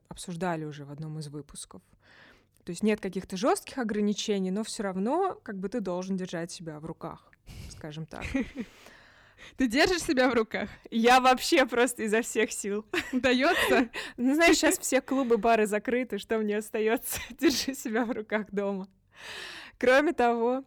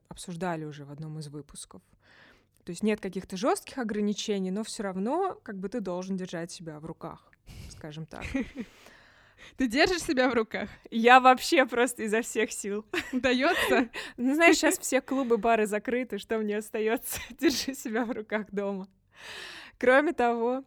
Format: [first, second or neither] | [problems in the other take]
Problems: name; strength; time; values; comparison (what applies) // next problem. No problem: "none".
second | distortion; slight; 1.1% of the sound clipped